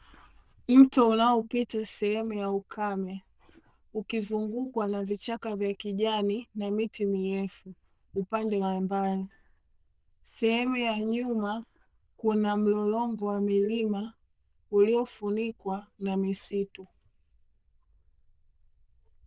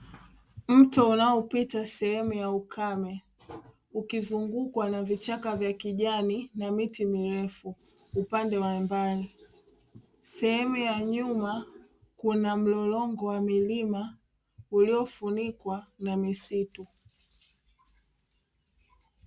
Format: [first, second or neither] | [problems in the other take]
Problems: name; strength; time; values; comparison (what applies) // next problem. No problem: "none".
second | noise reduction (neural diffusion model UNIVERSE++)